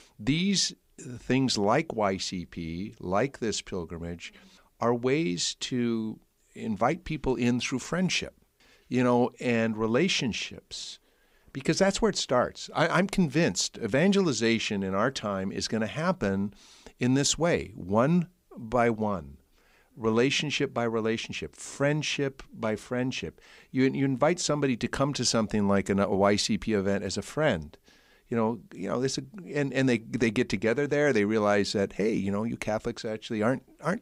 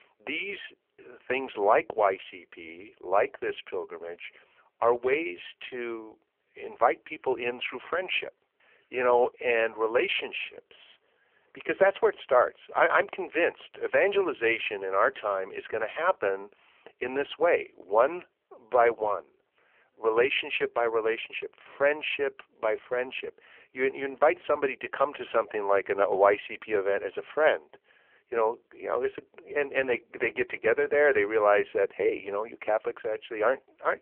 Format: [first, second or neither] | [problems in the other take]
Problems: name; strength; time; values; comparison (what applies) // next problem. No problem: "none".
first | phone-call audio; poor line; nothing above 3 kHz